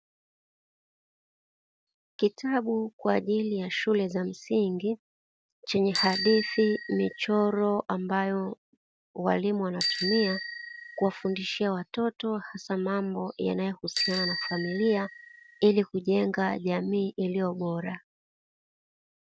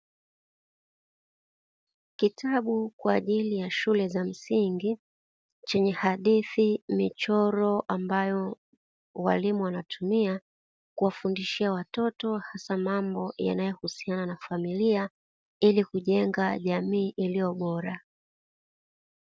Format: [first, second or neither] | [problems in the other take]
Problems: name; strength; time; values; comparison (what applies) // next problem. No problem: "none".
second | background sound (Bicycle bell); 8 dB below the speech